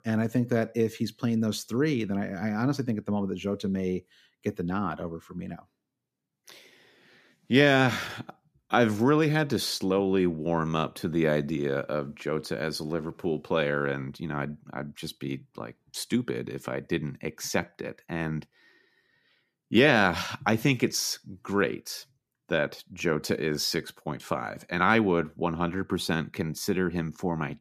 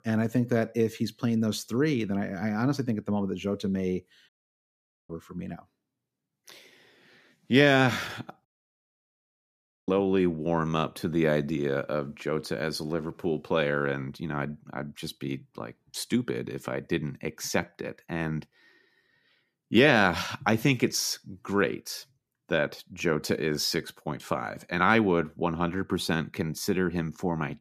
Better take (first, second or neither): first